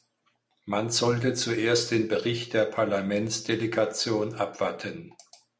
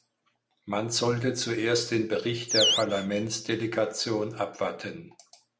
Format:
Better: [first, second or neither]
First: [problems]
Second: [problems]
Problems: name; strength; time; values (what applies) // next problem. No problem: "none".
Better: first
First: none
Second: background sound (Animal); 4 dB below the speech